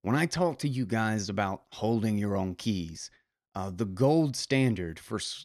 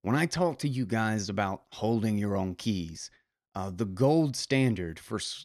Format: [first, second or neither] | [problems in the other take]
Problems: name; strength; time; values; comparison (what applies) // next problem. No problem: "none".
neither | none